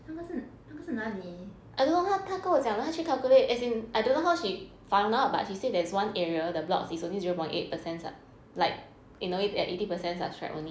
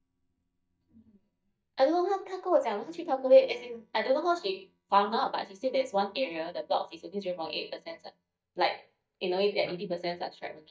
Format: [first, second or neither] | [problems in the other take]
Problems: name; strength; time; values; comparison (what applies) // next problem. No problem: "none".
first | noise reduction (neural mask model DeepFilterNet 3)